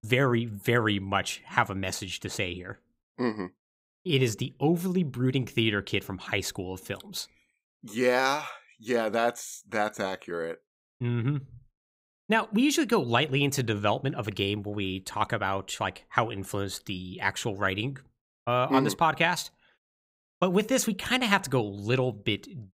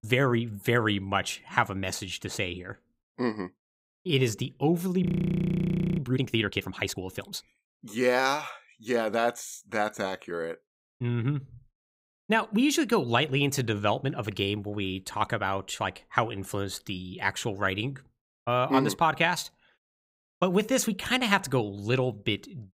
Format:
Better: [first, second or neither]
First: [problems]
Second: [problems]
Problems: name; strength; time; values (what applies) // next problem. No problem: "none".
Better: first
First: none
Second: audio freezing; at 5 s for 1 s